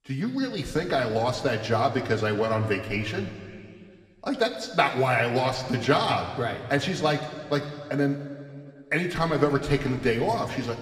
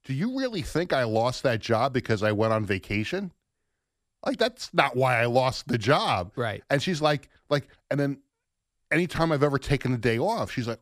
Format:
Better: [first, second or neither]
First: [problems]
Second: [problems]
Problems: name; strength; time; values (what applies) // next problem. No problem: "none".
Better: second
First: room echo; slight; dies away in 2 s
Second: none